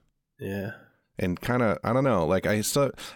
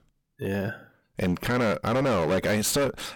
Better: first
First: none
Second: distortion; heavy; 15% of the sound clipped

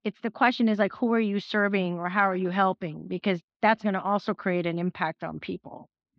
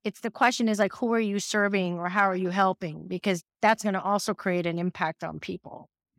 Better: second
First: muffled; slightly; fading above 4 kHz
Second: none

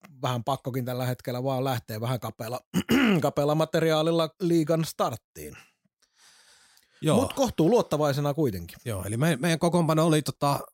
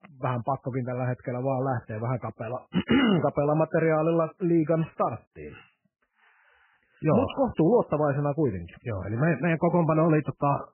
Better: first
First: none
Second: garbled, watery; badly; nothing above 3 kHz

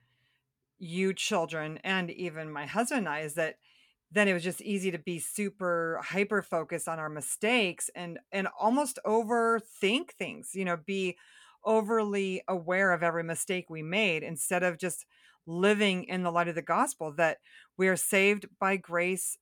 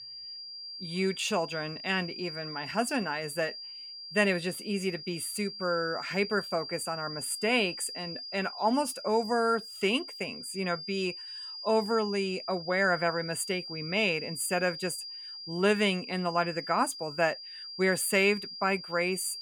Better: first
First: none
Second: high-pitched whine; loud; throughout; 5 kHz, 9 dB below the speech

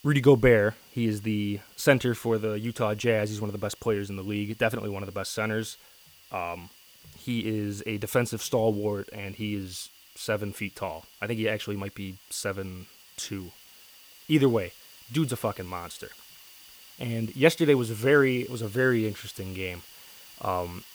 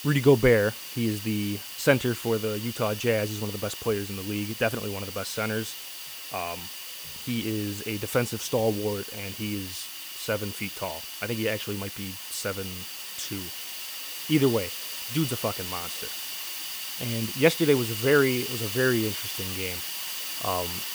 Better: first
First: hiss; faint; throughout; 20 dB below the speech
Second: hiss; loud; throughout; 6 dB below the speech

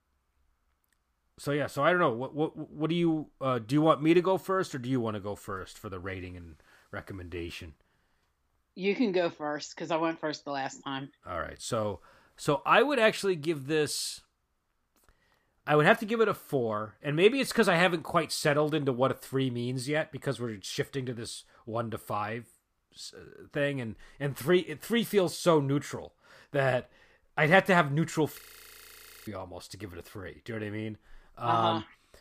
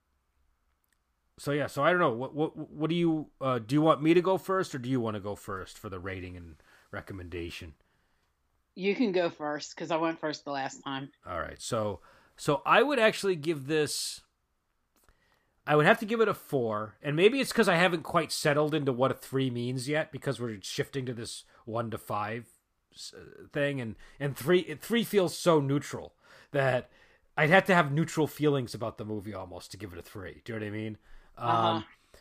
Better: second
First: audio freezing; at 28 s for 1 s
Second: none

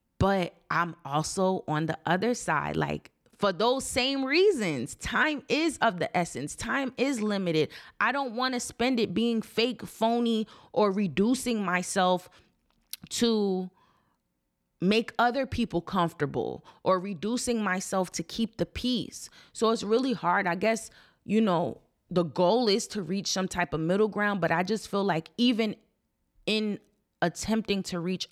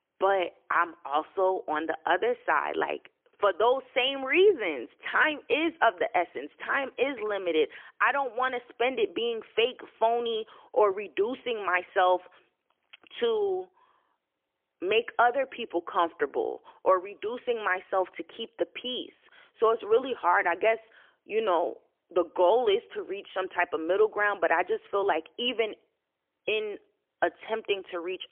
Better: first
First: none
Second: phone-call audio; poor line; nothing above 3.5 kHz

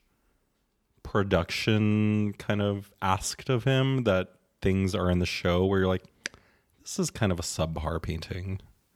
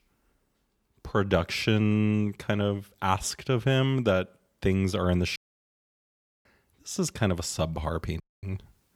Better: first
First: none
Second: audio cutting out; at 5.5 s for 1 s and at 8 s

